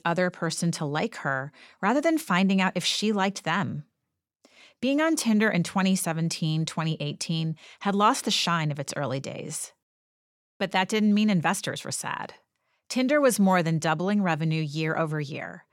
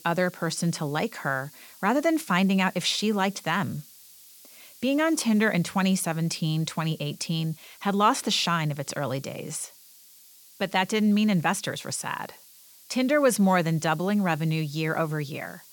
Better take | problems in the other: first | hiss; faint; throughout; 20 dB below the speech

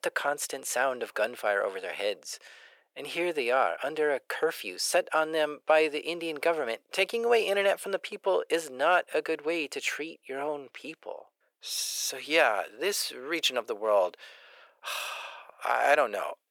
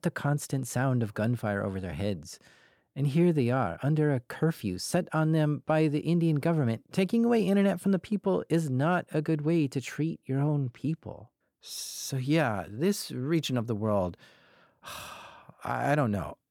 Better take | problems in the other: second | thin; very; fading below 500 Hz

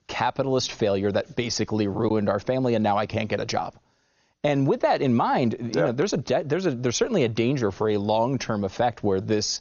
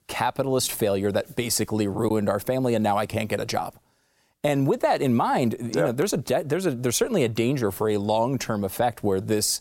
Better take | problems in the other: second | garbled, watery; slightly; nothing above 6.5 kHz

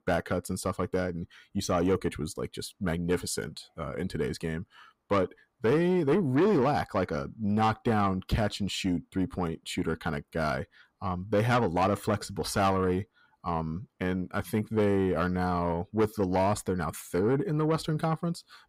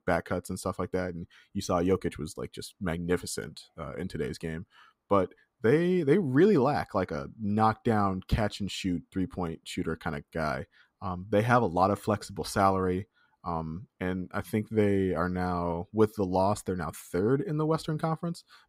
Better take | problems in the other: second | distortion; slight; 10 dB below the speech

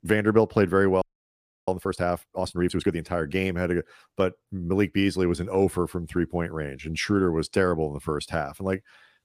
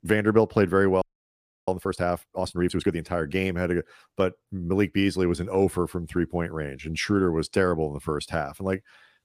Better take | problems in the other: neither | audio freezing; at 1 s for 0.5 s; the same in both

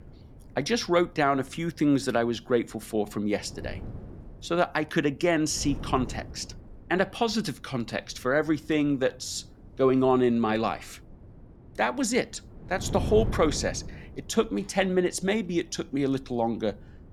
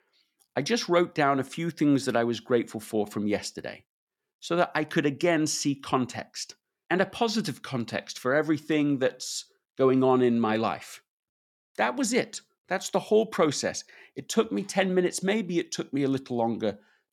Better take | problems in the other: second | wind noise on the microphone; occasional gusts; 20 dB below the speech

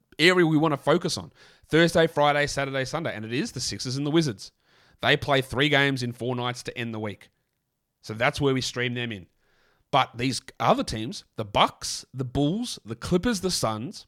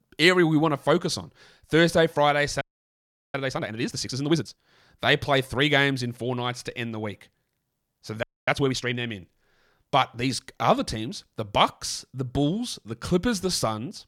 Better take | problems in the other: first | audio freezing; at 2.5 s for 0.5 s and at 8 s

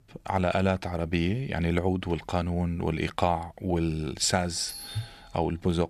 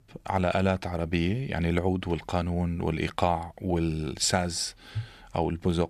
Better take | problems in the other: second | doorbell; faint; at 4.5 s; peak 10 dB below the speech

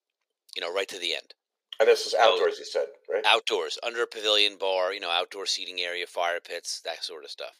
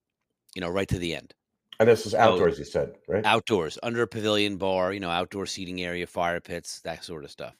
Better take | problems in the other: second | thin; very; fading below 450 Hz

